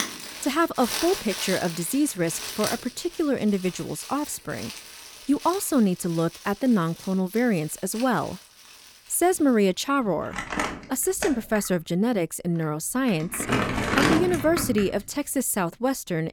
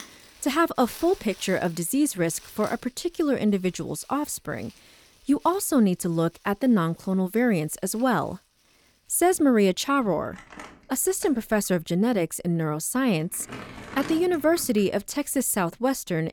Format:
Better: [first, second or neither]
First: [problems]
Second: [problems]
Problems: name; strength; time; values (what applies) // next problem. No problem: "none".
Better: second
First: household noises; loud; throughout; 6 dB below the speech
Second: household noises; faint; throughout; 20 dB below the speech